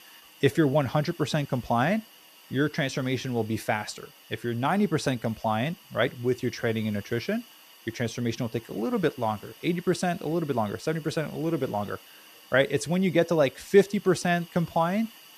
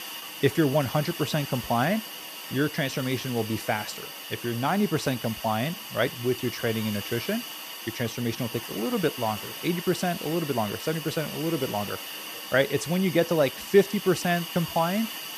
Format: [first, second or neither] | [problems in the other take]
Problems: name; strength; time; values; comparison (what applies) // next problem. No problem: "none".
first | hiss; loud; throughout; 8 dB below the speech; faint in the first